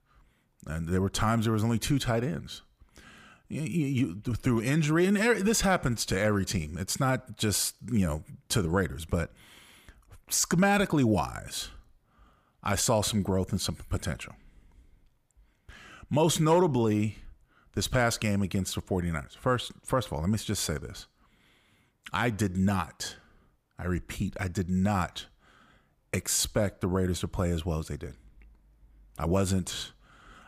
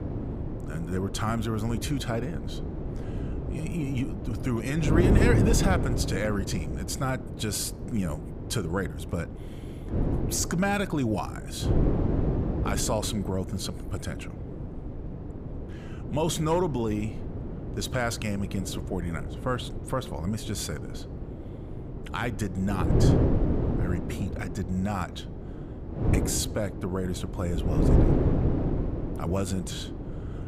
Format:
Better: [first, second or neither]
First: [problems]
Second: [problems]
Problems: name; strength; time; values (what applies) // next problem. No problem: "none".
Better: first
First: none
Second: wind noise on the microphone; heavy; 5 dB below the speech